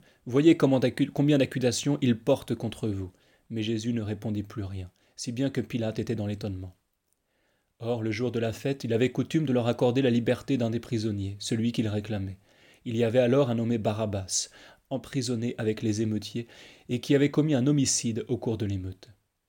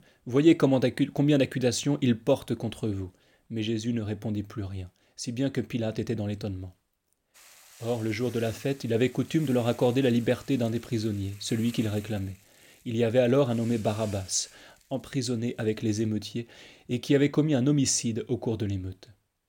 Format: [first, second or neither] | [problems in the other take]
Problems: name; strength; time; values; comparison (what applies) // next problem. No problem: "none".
first | hiss; faint; from 7.5 to 16 s; 20 dB below the speech